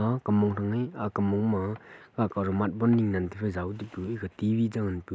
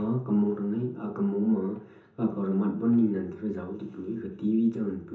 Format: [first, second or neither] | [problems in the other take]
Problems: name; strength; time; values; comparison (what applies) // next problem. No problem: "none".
first | room echo; dies away in 0.6 s